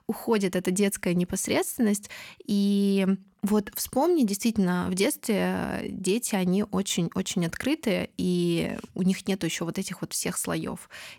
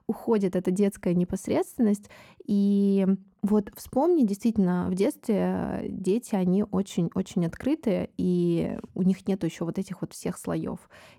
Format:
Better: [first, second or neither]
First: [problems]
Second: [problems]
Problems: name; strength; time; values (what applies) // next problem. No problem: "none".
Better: first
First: none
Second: muffled; slightly; fading above 1.5 kHz